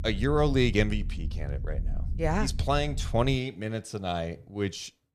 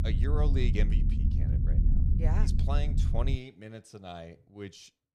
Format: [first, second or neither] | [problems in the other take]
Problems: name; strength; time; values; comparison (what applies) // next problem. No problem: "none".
first | low rumble; loud; until 3.5 s; 4 dB below the speech; faint in the first